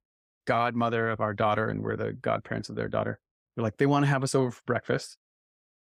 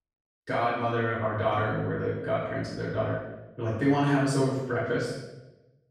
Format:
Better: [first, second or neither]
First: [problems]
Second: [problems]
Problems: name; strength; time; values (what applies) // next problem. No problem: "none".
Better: first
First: none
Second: off-mic speech; far // room echo; strong; dies away in 0.8 s